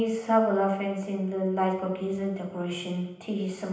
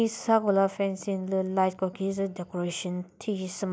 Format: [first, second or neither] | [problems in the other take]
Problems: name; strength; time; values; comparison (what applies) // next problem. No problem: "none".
second | room echo; dies away in 0.9 s